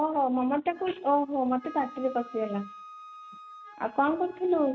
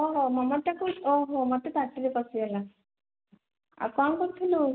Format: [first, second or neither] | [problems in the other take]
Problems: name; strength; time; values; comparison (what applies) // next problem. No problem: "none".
second | background sound (Wind instrument, woodwind instrument); 19 dB below the speech